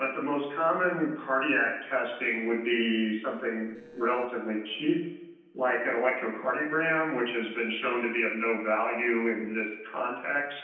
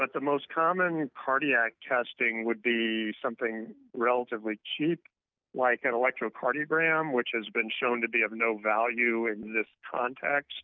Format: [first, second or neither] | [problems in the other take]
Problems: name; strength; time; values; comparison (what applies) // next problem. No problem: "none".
second | noise reduction (neural separator model SepFormer DNS4)